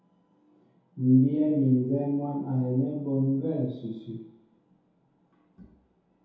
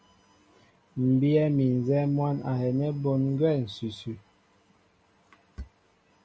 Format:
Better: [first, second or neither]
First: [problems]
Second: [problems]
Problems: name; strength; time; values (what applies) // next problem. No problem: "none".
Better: second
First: room echo; dies away in 0.8 s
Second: none